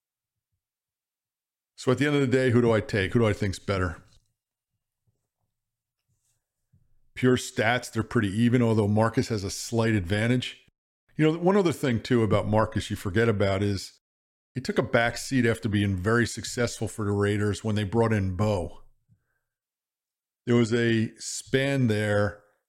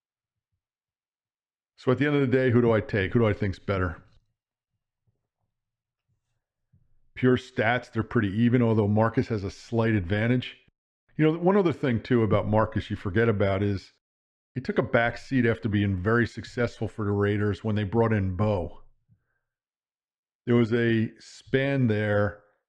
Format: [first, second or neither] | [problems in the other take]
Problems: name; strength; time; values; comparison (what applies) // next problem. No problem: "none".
first | muffled; slightly; fading above 3 kHz